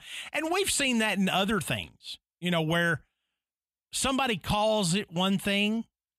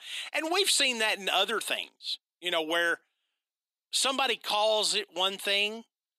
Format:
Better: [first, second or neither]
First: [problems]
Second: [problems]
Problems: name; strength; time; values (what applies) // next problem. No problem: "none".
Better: first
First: none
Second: thin; very; fading below 300 Hz